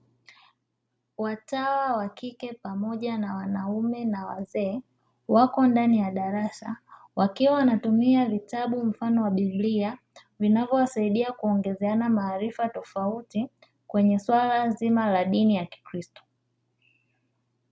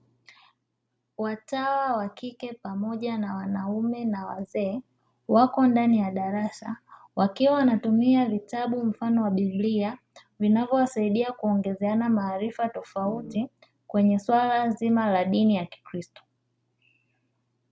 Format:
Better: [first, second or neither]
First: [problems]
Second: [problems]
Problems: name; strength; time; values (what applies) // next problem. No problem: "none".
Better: first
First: none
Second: background sound (Organ); 13 dB below the speech